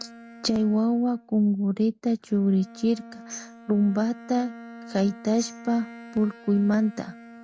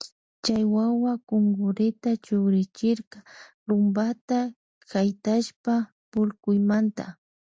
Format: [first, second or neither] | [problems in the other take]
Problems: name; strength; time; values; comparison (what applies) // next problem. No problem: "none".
second | background sound (Bowed string instrument + Tambourine); 19 dB below the speech